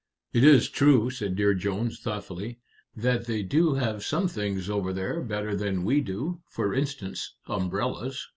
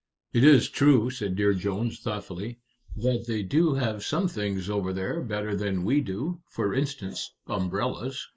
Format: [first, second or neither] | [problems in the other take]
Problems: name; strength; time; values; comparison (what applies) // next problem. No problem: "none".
first | noise reduction (neural mask model Resemble Enhance denoiser)